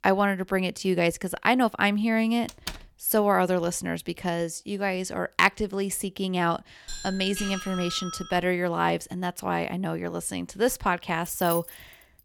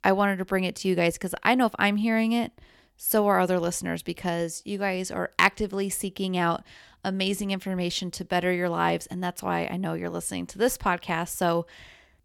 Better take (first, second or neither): second